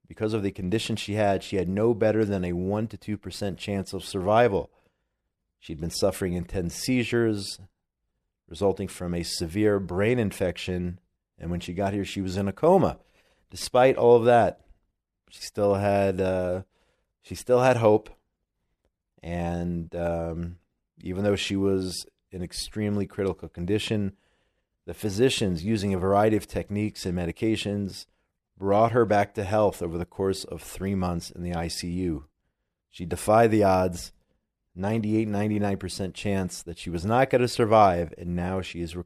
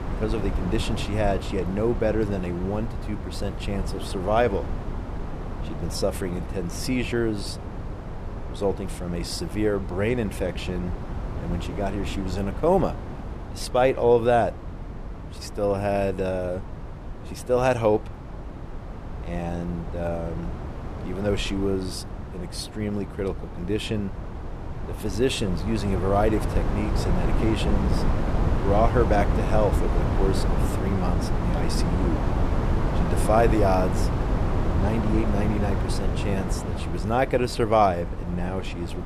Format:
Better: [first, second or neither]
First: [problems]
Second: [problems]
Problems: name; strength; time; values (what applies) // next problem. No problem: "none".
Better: first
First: none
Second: wind noise on the microphone; heavy; 9 dB below the speech